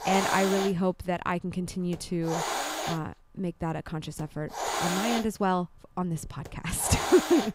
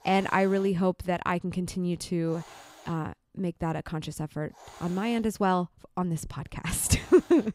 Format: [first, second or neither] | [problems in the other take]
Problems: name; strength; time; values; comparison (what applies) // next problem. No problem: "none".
second | hiss; loud; throughout; 2 dB below the speech; faint in the second